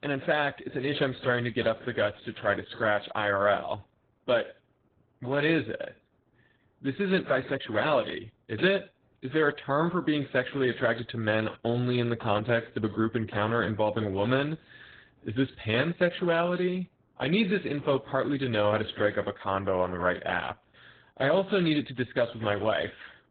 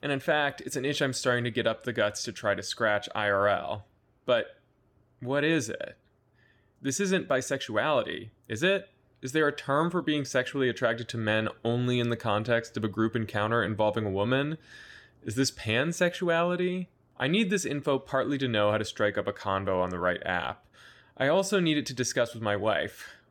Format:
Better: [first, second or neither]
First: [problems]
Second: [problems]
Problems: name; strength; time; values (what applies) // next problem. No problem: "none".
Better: second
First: garbled, watery; badly; nothing above 4 kHz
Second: none